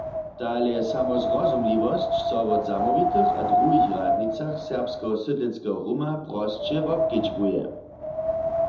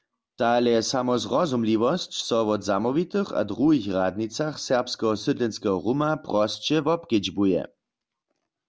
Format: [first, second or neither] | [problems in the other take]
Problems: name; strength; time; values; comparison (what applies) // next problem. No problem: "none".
second | background sound (Wind); 1 dB above the speech // room echo; dies away in 0.8 s